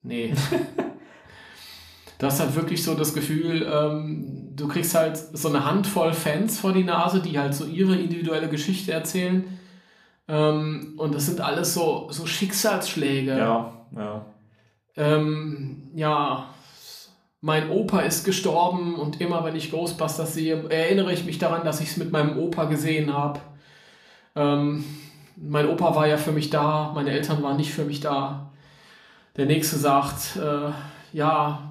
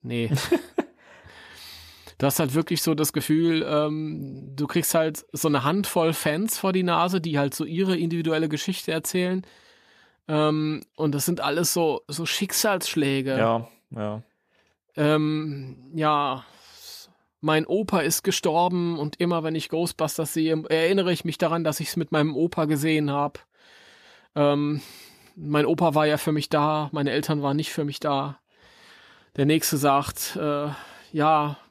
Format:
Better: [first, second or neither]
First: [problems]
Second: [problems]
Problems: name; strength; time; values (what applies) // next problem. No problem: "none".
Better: second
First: room echo; slight; dies away in 0.4 s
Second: none